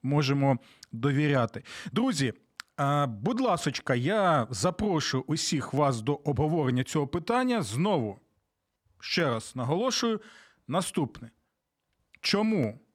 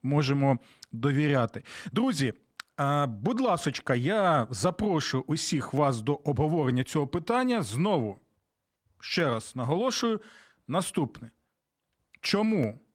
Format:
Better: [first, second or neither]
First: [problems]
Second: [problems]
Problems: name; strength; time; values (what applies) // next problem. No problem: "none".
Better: first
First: none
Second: garbled, watery; slightly; nothing above 15.5 kHz